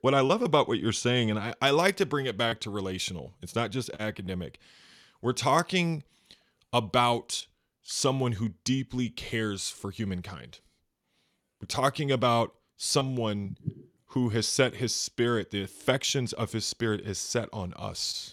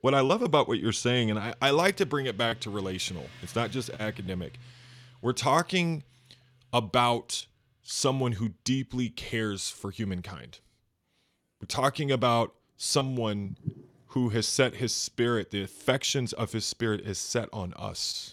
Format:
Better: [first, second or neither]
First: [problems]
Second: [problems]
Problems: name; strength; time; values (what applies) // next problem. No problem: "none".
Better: first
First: none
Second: traffic noise; faint; throughout; 25 dB below the speech